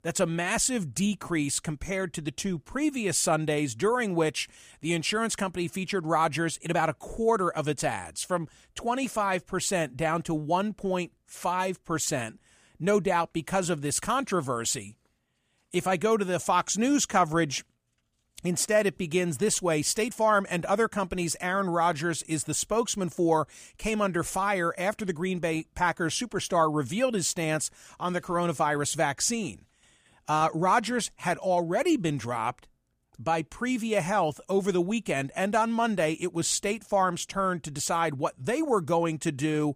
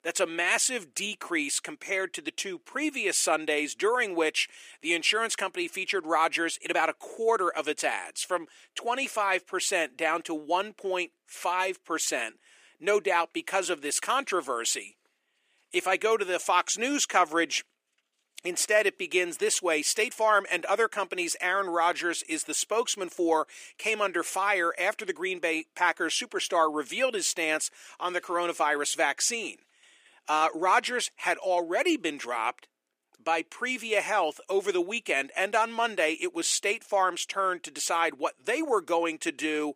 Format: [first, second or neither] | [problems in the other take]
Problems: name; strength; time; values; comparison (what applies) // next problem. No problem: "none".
first | thin; somewhat; fading below 350 Hz